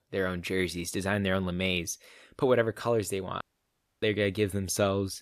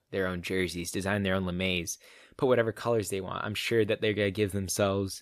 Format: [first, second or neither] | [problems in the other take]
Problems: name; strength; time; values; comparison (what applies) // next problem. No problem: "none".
second | audio cutting out; at 3.5 s for 0.5 s